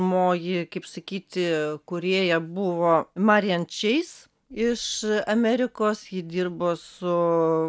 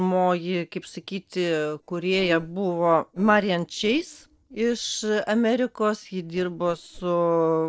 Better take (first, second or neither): first